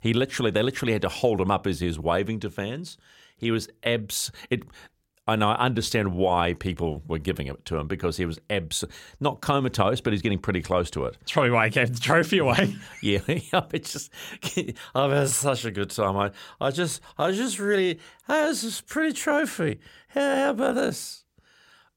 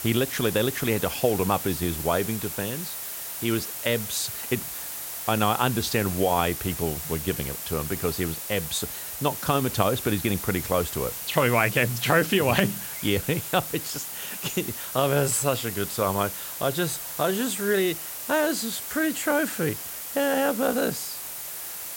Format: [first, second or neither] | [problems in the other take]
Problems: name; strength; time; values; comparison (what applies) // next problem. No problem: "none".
first | hiss; loud; throughout; 6 dB below the speech